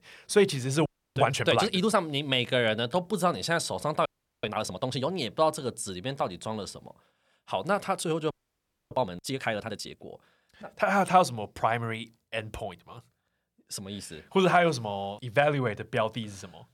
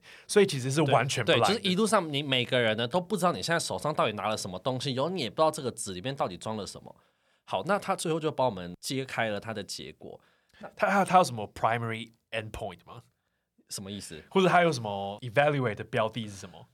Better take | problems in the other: second | audio freezing; at 1 s, at 4 s and at 8.5 s for 0.5 s

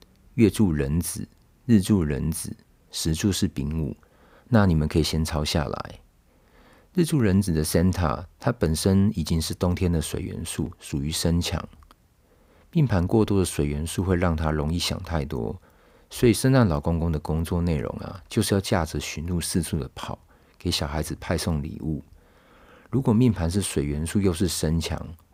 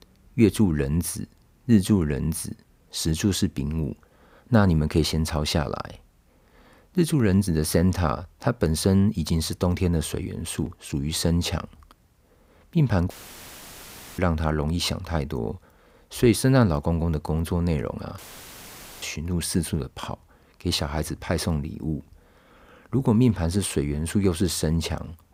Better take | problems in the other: first | audio cutting out; filled with static; at 13 s for 1 s and at 18 s for 1 s

